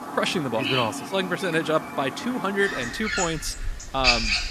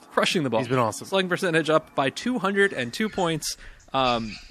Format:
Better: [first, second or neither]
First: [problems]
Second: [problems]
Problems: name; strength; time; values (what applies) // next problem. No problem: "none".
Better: second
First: animal sounds; loud; throughout; 1 dB below the speech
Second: animal sounds; faint; throughout; 20 dB below the speech